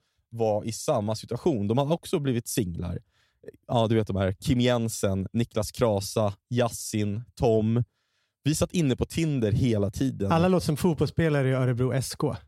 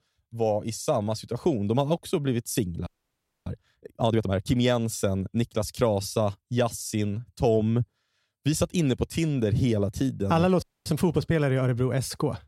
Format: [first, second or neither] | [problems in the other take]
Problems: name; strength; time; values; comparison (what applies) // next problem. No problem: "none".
first | audio freezing; at 3 s for 0.5 s and at 11 s